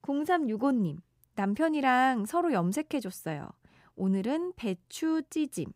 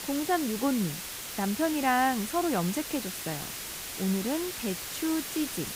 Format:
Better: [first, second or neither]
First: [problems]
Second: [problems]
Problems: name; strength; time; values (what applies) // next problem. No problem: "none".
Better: first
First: none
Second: hiss; loud; throughout; 5 dB below the speech